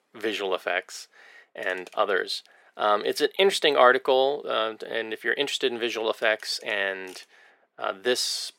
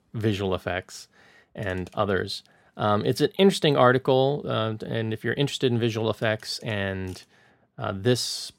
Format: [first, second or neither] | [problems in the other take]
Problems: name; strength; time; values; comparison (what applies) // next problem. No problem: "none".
second | thin; very; fading below 400 Hz